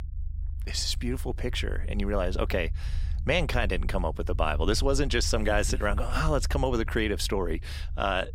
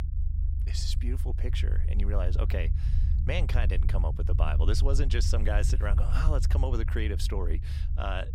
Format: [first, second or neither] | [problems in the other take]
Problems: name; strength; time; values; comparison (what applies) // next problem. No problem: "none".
first | low rumble; loud; throughout; 10 dB below the speech; faint in the first